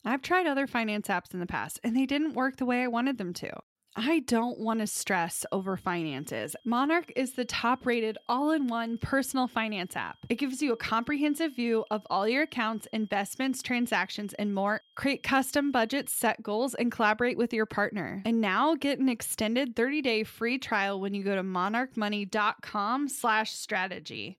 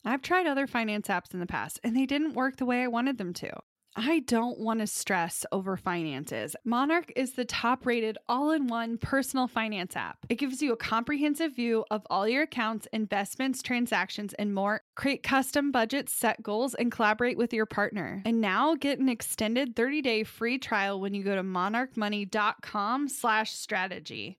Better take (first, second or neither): second